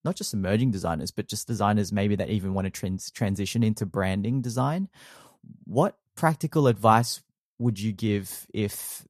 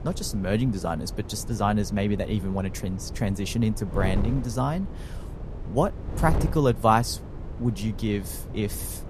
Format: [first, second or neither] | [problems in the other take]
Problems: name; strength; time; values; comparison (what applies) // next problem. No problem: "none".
first | wind noise on the microphone; occasional gusts; 15 dB below the speech